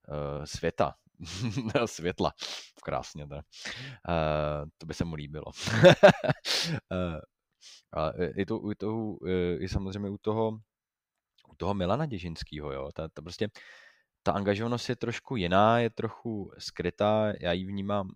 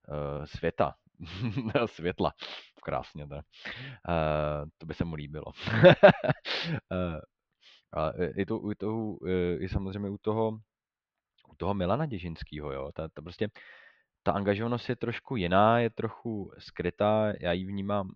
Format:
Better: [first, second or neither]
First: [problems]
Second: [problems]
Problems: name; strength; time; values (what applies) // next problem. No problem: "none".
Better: first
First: none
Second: muffled; slightly; fading above 3.5 kHz